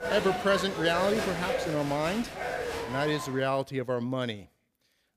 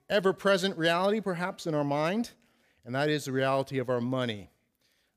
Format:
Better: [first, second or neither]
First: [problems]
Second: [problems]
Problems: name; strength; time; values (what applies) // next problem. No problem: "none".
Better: second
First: crowd noise; loud; until 3 s; 4 dB below the speech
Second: none